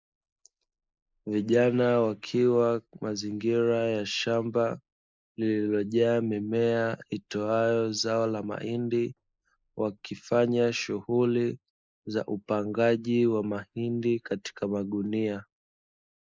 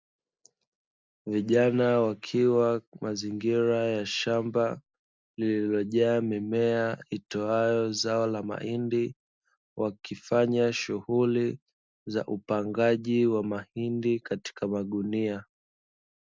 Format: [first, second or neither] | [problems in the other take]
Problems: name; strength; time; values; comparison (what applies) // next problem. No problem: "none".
second | noise reduction (neural mask model Resemble Enhance denoiser)